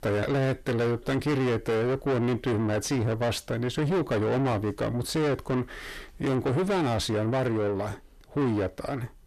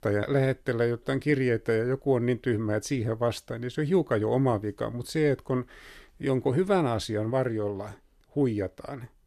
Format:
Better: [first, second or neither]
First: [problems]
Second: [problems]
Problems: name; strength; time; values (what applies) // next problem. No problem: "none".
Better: second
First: distortion; heavy; 6 dB below the speech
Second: none